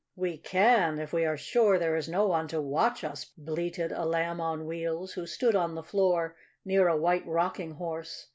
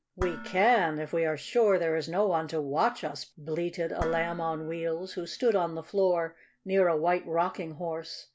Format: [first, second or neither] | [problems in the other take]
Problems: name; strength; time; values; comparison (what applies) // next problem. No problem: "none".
first | background sound (Dishes, pots, and pans); 17 dB below the speech